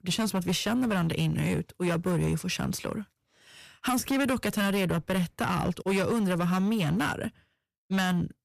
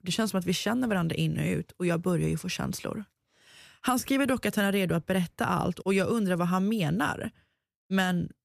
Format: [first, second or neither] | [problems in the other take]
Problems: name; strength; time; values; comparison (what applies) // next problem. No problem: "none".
second | distortion; slight; 13% of the sound clipped